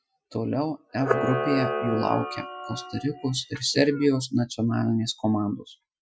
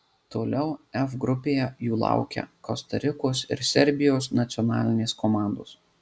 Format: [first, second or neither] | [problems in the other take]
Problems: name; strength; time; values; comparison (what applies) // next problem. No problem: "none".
second | noise reduction (classical method Wiener filter)